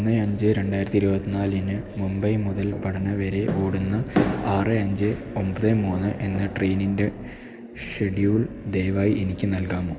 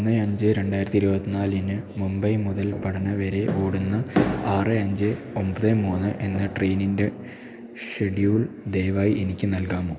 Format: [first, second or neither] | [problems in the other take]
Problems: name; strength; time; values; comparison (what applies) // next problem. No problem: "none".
second | background sound (Animal); 17 dB below the speech